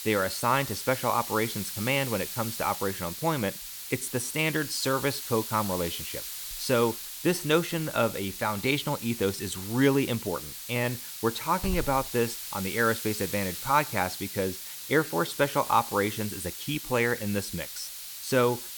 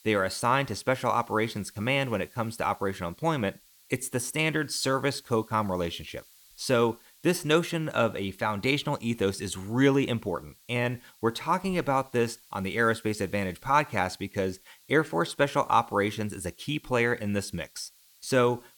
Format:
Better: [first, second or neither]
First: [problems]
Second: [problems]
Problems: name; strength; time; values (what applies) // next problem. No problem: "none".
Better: second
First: hiss; loud; throughout; 7 dB below the speech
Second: hiss; faint; throughout; 25 dB below the speech